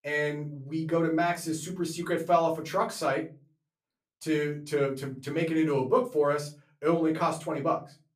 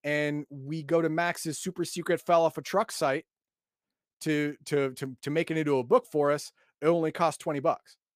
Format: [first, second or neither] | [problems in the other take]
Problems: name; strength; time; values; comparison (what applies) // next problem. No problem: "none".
second | off-mic speech; far // room echo; very slight; dies away in 0.3 s